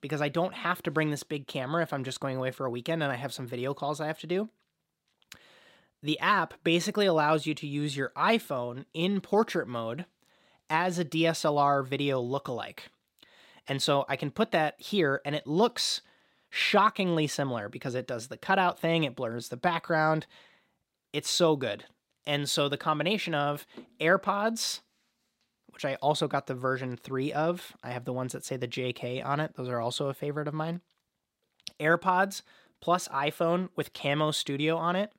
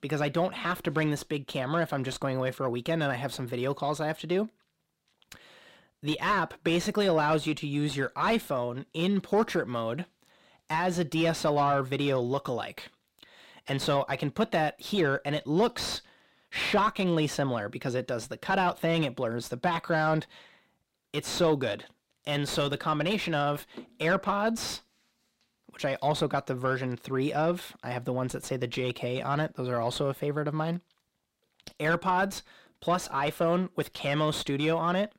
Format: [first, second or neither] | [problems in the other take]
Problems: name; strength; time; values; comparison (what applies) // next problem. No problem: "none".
first | distortion; slight; 10 dB below the speech